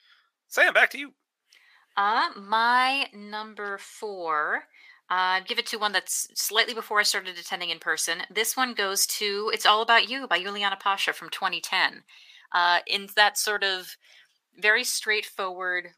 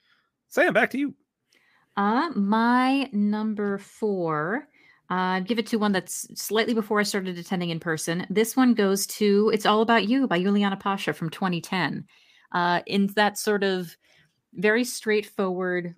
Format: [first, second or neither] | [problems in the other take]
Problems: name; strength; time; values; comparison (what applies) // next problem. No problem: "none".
second | thin; very; fading below 850 Hz